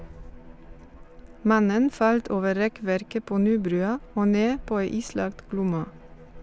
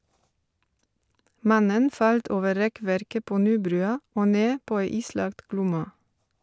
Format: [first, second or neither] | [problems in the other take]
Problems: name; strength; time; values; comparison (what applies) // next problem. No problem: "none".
second | background sound (Bowed string instrument + Wind); 19 dB below the speech